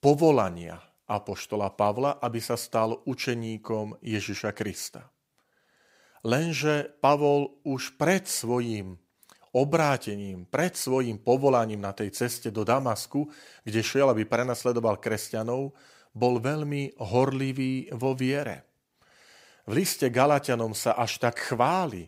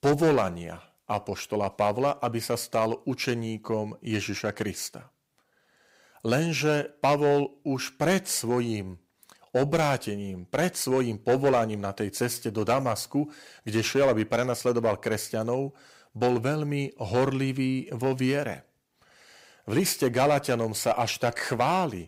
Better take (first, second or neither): first